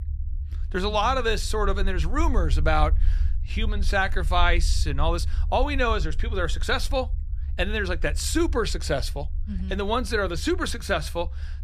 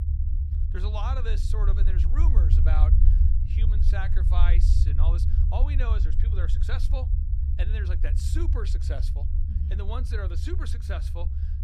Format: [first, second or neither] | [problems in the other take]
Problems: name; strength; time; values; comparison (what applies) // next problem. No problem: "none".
first | low rumble; loud; throughout; 5 dB below the speech; faint in the first